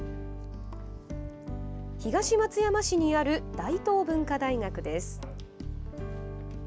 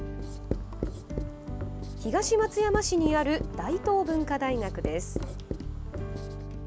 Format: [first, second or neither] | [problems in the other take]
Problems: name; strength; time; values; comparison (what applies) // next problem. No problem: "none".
first | background sound (Writing); 9 dB below the speech